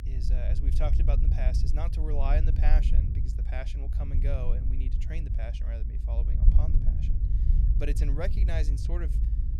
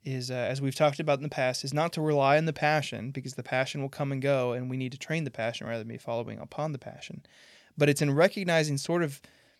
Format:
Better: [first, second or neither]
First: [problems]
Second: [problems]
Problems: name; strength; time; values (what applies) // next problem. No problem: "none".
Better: second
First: low rumble; loud; throughout; 6 dB below the speech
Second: none